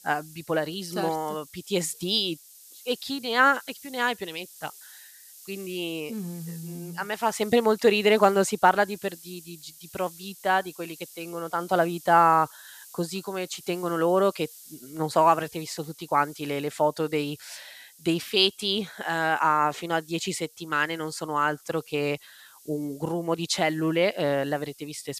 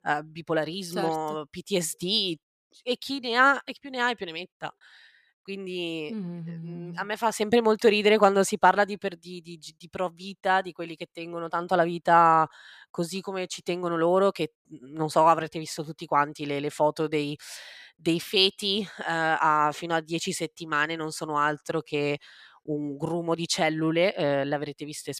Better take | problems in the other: second | hiss; faint; throughout; 20 dB below the speech

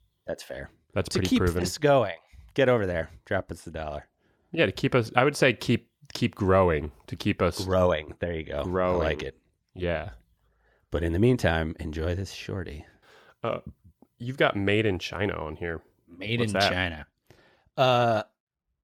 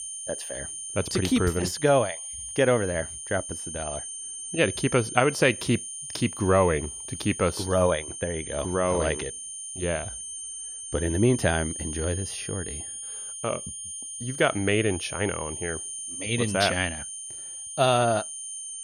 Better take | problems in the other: first | high-pitched whine; loud; throughout; 9 kHz, 8 dB below the speech

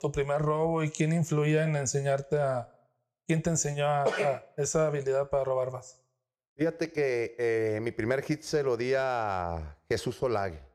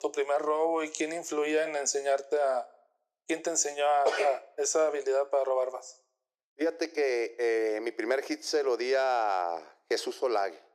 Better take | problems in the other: first | thin; very; fading below 300 Hz

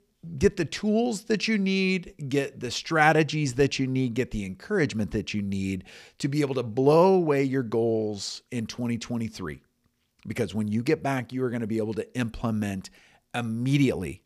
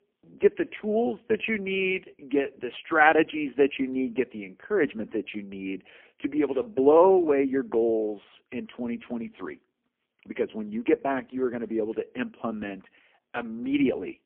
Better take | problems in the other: first | phone-call audio; poor line; nothing above 3 kHz

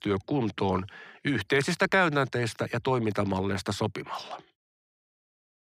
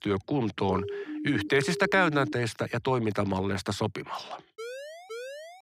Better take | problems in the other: first | siren; noticeable; from 0.5 to 2.5 s; peak 7 dB below the speech // siren; faint; from 4.5 s on; peak 10 dB below the speech

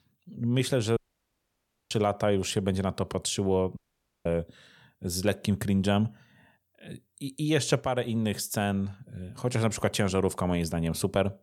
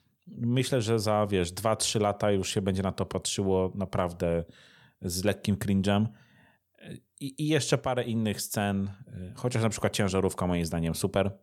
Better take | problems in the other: second | audio cutting out; at 1 s for 1 s and at 4 s

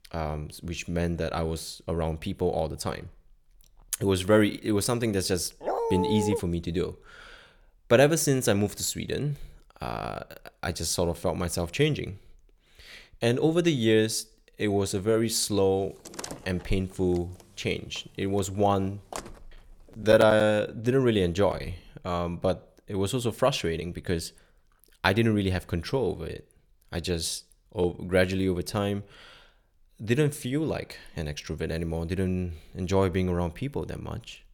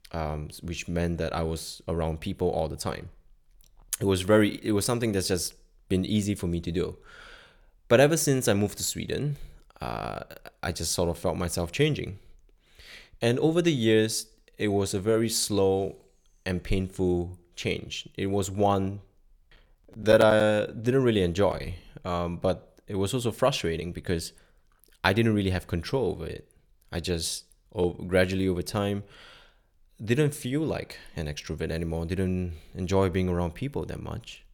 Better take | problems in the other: second | dog barking; noticeable; at 5.5 s; peak 1 dB below the speech // door banging; faint; from 16 to 20 s; peak 10 dB below the speech

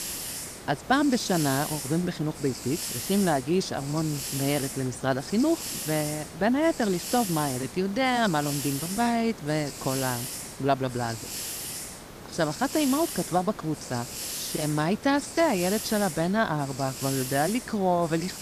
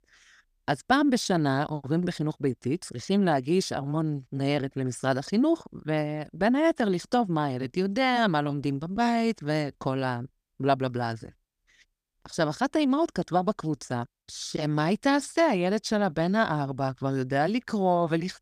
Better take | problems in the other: second | hiss; loud; throughout; 7 dB below the speech

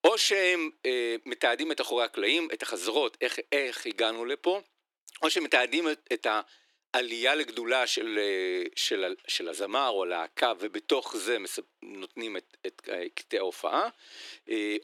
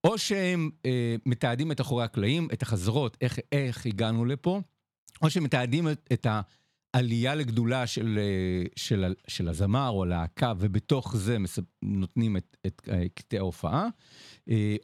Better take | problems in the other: second | thin; very; fading below 300 Hz

